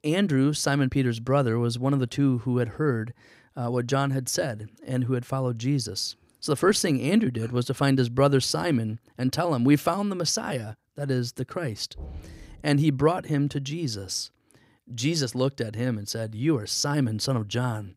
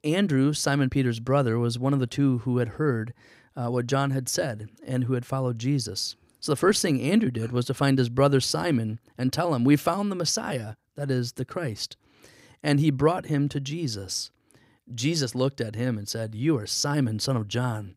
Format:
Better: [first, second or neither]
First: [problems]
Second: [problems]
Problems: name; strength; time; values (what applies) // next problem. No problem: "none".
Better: second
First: door banging; faint; at 12 s; peak 15 dB below the speech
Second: none